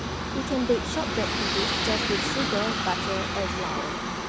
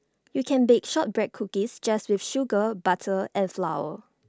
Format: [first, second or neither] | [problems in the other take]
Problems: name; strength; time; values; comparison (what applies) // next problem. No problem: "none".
second | background sound (Aircraft); 2 dB above the speech